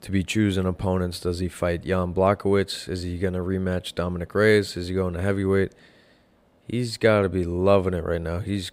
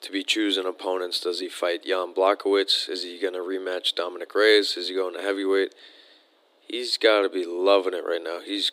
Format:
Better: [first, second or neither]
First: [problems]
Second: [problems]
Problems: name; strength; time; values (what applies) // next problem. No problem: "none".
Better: first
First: none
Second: thin; somewhat; fading below 300 Hz